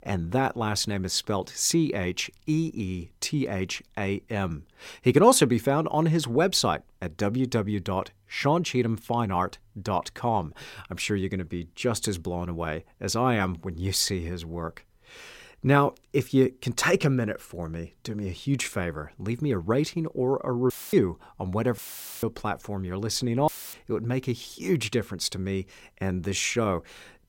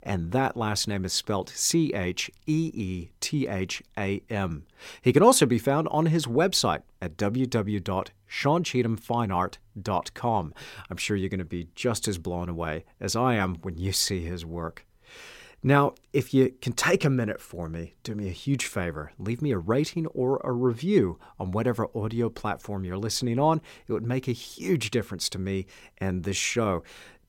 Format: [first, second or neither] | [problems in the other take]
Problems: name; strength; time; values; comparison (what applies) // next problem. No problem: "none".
second | audio cutting out; filled with static; at 21 s, at 22 s and at 23 s